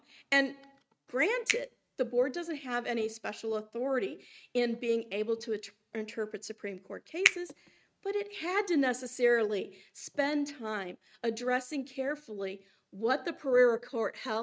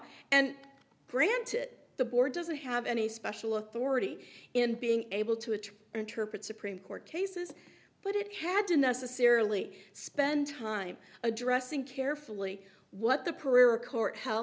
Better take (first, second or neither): second